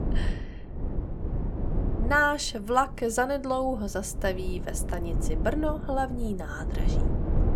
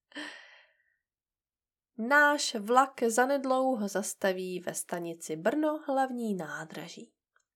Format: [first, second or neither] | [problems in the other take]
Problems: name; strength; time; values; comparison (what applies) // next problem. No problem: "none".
second | wind noise on the microphone; occasional gusts; 15 dB below the speech